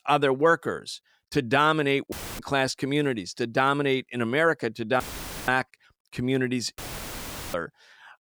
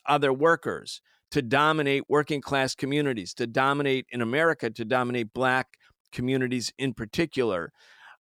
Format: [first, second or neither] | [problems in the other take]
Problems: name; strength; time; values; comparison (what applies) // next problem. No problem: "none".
second | audio cutting out; filled with static; at 2 s, at 5 s and at 7 s for 1 s